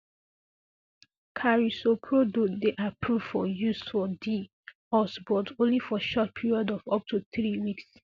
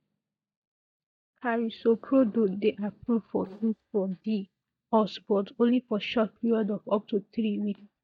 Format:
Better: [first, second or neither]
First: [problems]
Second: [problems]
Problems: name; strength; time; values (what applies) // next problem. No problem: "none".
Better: first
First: none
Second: noise reduction (neural mask model DeepFilterNet 3)